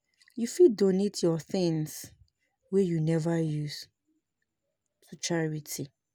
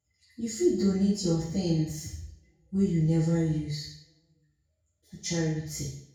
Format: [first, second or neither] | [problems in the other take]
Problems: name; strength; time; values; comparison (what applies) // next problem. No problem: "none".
first | room echo; dies away in 0.6 s